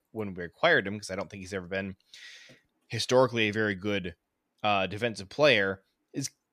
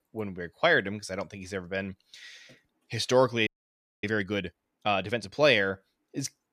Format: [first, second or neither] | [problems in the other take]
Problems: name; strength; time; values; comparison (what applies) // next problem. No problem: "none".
first | audio freezing; at 3.5 s for 0.5 s